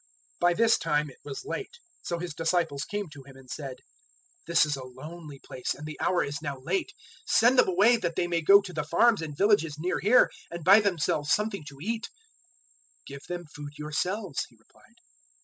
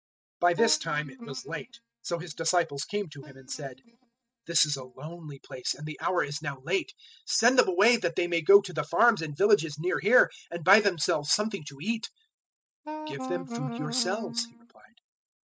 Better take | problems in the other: first | noise reduction (neural mask model DeepFilterNet 3)

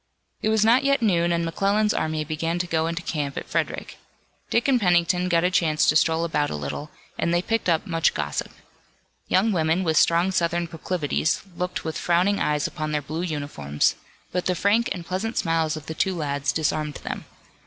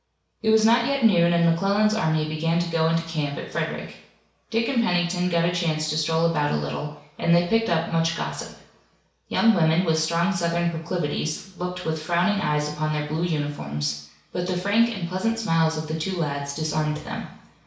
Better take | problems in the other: first | room echo; dies away in 0.6 s

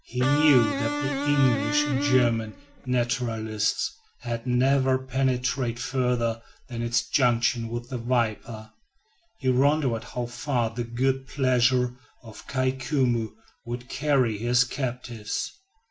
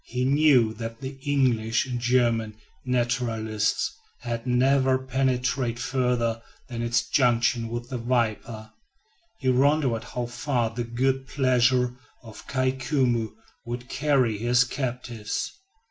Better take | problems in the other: second | background sound (Electric guitar); 3 dB below the speech

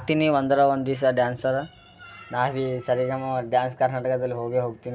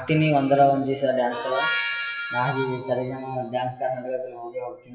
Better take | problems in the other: first | noise reduction (classical method WPE with log-MMSE)

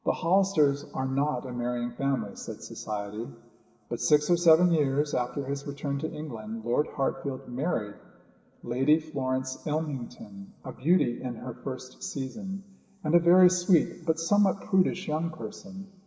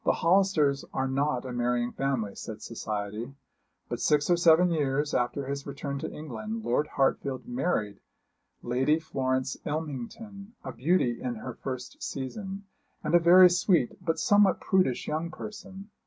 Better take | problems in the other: second | room echo; dies away in 2.6 s

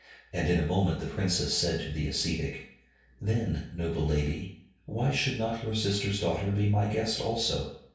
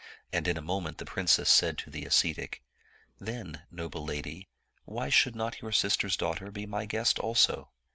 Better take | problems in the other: second | room echo; dies away in 0.6 s

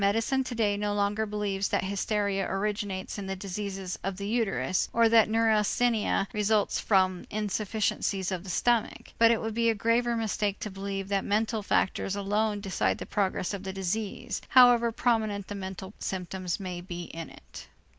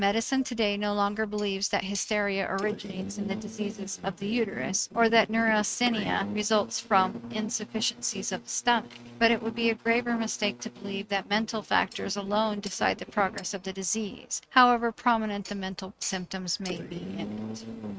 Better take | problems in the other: first | noise reduction (neural mask model RNNoise)

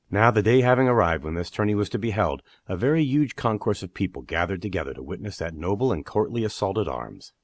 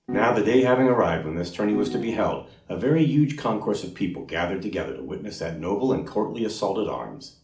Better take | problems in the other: first | background sound (Piano); 7 dB below the speech // room echo; dies away in 0.4 s

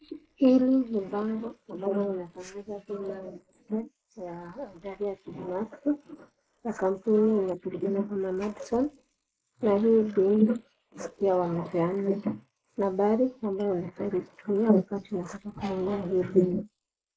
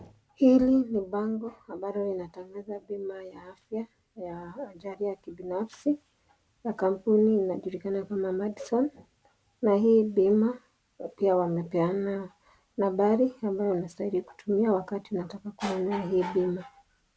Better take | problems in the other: second | noise reduction (neural mask model Resemble Enhance denoiser)

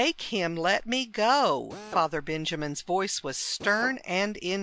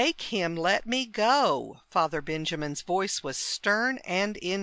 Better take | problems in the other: second | background sound (Drill); 15 dB below the speech

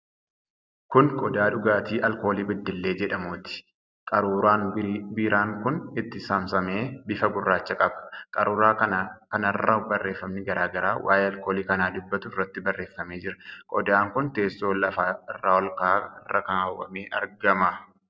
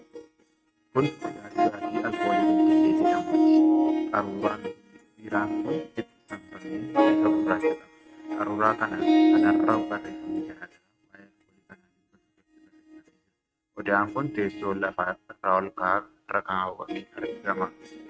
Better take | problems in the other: first | noise reduction (neural mask model RNNoise)

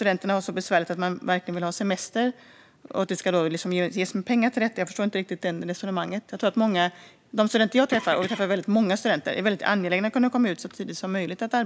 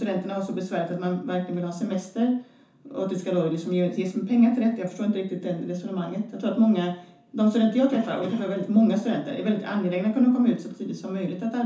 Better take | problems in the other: first | room echo; dies away in 0.9 s

